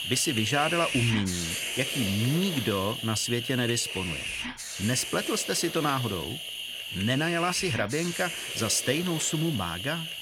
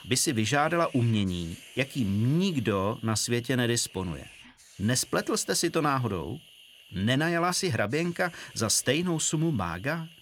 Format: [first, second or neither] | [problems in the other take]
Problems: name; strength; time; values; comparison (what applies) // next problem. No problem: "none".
second | hiss; loud; throughout; 3 dB below the speech; faint in the second